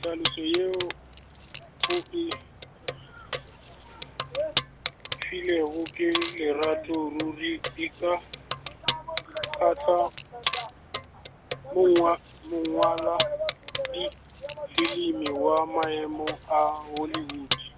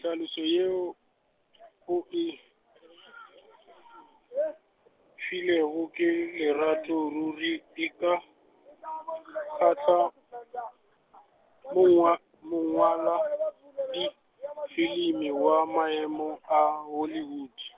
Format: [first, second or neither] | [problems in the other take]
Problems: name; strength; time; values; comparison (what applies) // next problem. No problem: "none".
second | background sound (Keys jangling); 8 dB below the speech